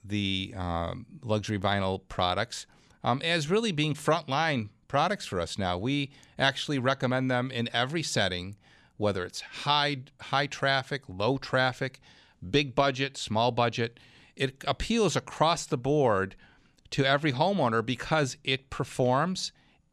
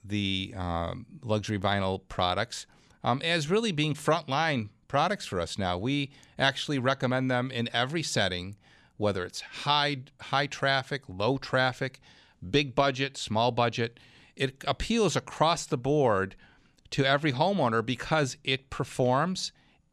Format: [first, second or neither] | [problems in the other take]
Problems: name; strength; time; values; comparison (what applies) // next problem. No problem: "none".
neither | none